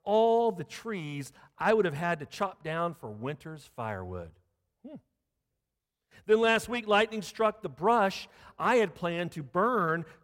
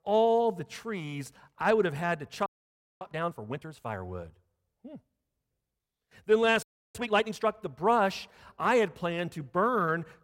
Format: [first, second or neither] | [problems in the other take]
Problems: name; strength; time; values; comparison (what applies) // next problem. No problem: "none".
first | audio freezing; at 2.5 s for 0.5 s and at 6.5 s